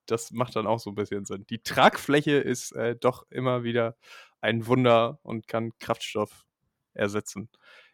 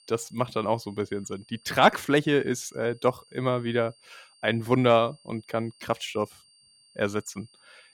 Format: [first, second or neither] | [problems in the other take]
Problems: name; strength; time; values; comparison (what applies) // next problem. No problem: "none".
first | high-pitched whine; faint; throughout; 4.5 kHz, 30 dB below the speech